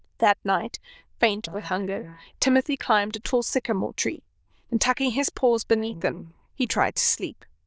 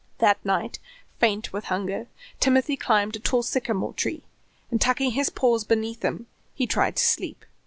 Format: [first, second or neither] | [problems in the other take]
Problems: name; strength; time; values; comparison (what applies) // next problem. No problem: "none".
second | noise reduction (neural diffusion model UNIVERSE++)